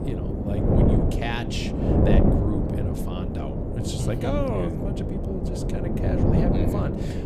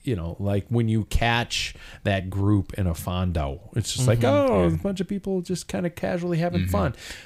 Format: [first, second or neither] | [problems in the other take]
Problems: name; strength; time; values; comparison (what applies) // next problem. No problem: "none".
second | wind noise on the microphone; heavy; 4 dB above the speech